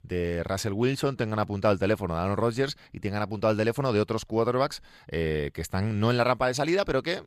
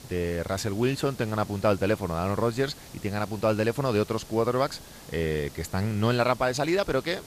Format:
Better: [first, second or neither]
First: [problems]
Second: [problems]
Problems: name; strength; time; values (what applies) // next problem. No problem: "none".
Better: first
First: none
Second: hiss; noticeable; throughout; 20 dB below the speech